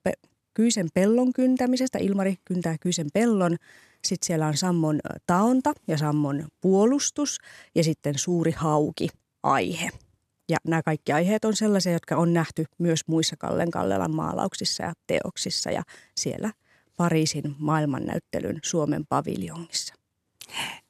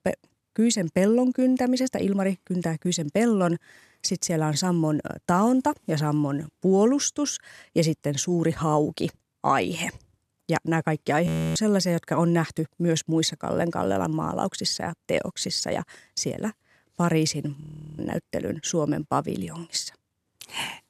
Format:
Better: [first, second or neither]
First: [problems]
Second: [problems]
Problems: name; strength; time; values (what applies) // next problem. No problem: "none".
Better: first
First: none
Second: audio freezing; at 11 s and at 18 s